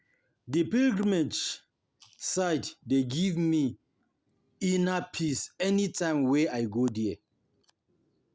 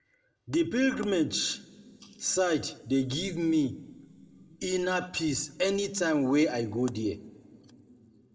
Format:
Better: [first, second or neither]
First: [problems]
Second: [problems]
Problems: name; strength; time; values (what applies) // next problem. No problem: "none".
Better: first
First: none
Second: room echo; dies away in 0.7 s